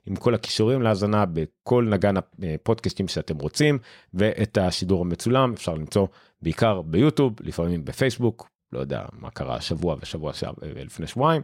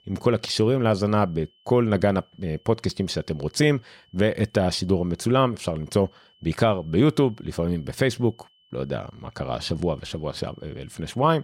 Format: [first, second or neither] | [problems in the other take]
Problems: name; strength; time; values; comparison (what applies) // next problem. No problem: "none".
first | high-pitched whine; faint; throughout; 3 kHz, 35 dB below the speech